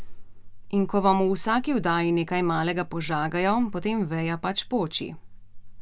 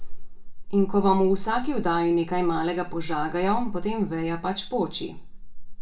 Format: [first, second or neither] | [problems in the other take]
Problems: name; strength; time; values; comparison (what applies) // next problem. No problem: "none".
first | room echo; dies away in 0.3 s